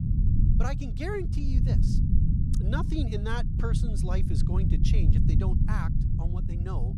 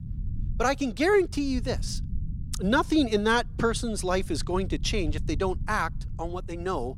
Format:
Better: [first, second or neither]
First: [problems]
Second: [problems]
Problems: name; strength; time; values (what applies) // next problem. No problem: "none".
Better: second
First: low rumble; loud; throughout; 2 dB below the speech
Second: low rumble; faint; throughout; 25 dB below the speech